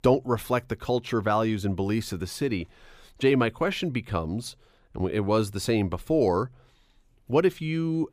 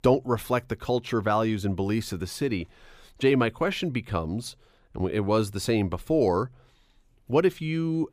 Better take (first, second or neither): neither